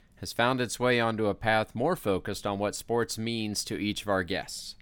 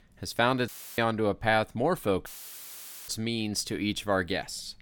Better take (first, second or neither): first